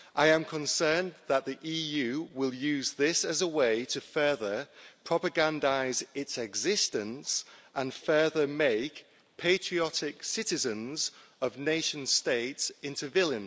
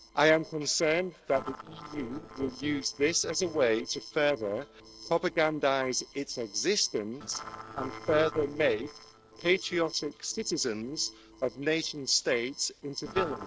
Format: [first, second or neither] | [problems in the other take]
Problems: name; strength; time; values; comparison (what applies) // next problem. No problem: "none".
first | noise reduction (neural separator model SepFormer DNS4)